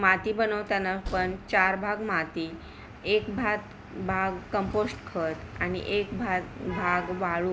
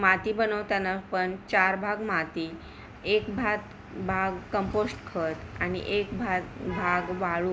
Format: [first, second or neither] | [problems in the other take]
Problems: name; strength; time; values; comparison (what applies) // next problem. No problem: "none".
second | background sound (Train); 20 dB below the speech